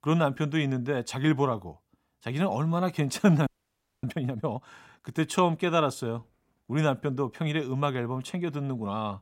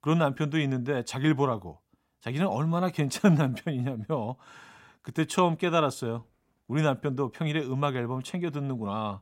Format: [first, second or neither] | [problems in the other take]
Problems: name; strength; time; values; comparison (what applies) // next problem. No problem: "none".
second | audio freezing; at 3.5 s for 0.5 s